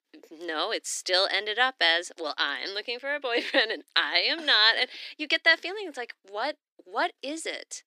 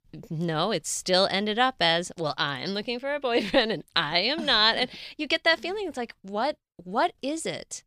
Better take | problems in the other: second | thin; somewhat; fading below 300 Hz

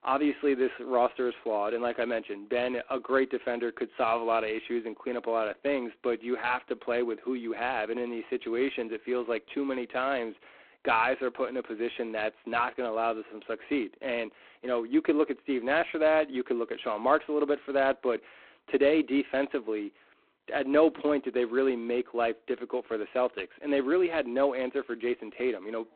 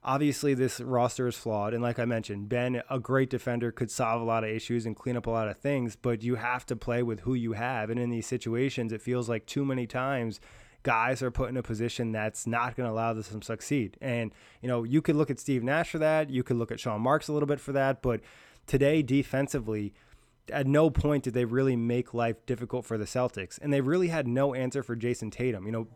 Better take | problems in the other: second | phone-call audio; poor line; nothing above 4 kHz

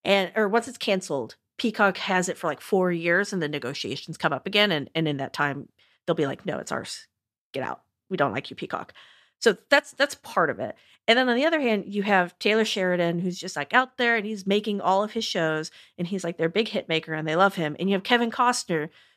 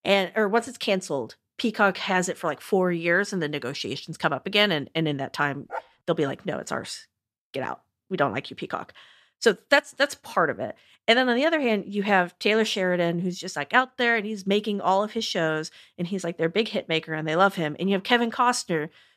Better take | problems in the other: first | dog barking; faint; at 5.5 s; peak 10 dB below the speech

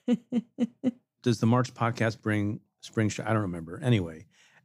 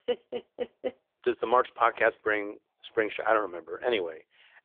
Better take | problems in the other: first | phone-call audio; poor line; nothing above 3.5 kHz

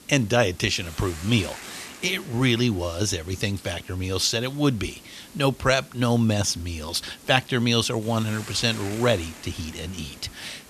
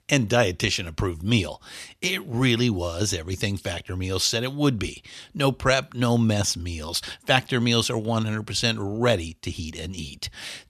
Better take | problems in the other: second | hiss; noticeable; throughout; 20 dB below the speech

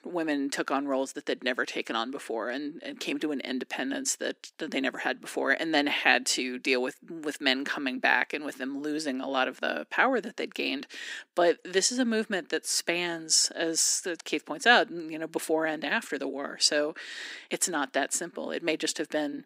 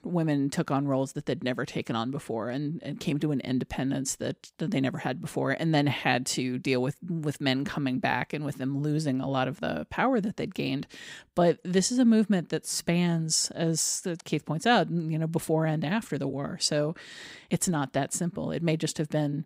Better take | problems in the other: second | thin; somewhat; fading below 250 Hz

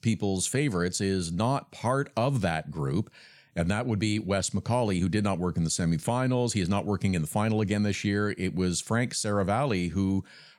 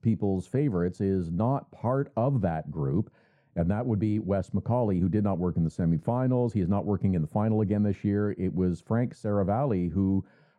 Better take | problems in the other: first | muffled; very; fading above 2 kHz

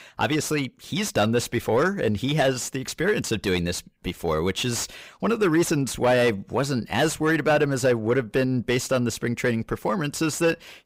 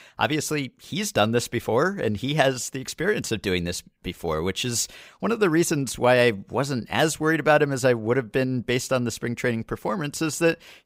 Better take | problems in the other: second | distortion; slight; 10 dB below the speech

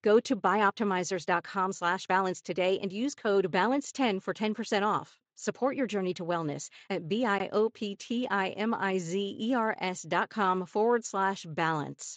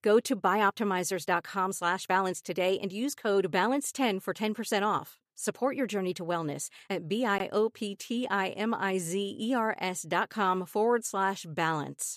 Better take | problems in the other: second | garbled, watery; slightly; nothing above 7.5 kHz

